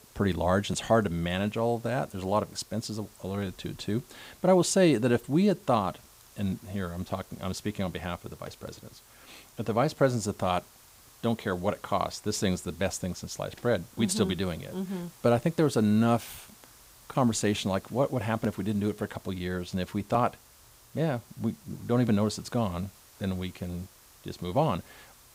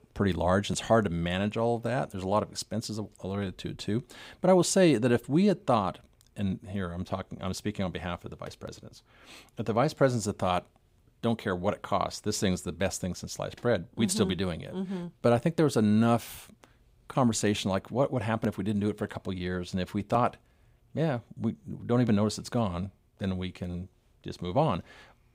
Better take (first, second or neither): second